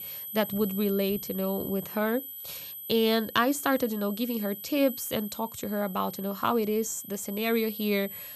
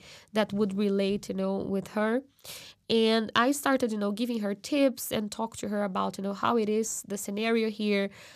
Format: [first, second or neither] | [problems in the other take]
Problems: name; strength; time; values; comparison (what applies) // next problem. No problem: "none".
second | high-pitched whine; loud; throughout; 12 kHz, 9 dB below the speech